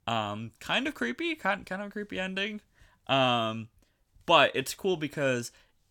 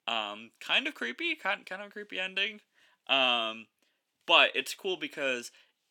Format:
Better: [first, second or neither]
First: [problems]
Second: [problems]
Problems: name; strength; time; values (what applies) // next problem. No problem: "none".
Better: first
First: none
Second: thin; very slightly; fading below 250 Hz